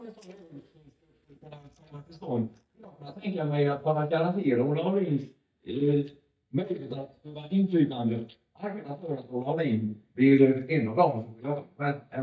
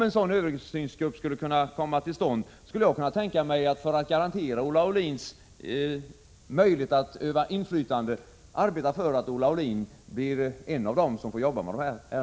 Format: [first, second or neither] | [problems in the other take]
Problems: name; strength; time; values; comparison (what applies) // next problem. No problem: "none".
second | noise reduction (neural mask model DeepFilterNet 3)